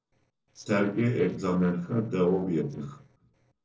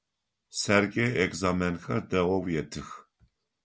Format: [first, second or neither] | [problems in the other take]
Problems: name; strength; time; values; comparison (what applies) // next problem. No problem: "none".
second | noise reduction (neural separator model SepFormer DNS4)